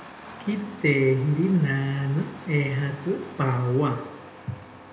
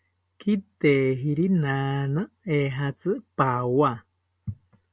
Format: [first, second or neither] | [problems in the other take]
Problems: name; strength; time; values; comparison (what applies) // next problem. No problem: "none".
second | background sound (Engine starting); 17 dB below the speech // room echo; dies away in 0.9 s